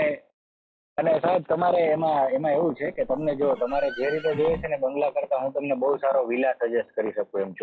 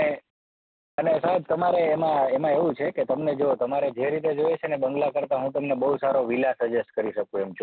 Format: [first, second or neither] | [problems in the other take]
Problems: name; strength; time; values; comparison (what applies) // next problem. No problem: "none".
second | noise reduction (classical method log-MMSE)